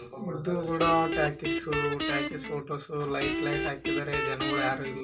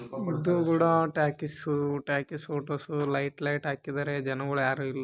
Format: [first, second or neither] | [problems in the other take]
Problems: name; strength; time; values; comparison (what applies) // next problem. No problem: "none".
second | background sound (Guitar); 1 dB below the speech // room echo; dies away in 0.2 s